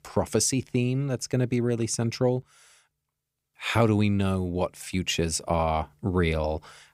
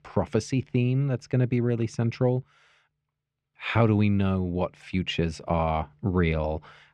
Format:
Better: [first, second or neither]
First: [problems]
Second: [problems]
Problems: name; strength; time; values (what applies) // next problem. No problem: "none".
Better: first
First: none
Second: muffled; slightly; fading above 2.5 kHz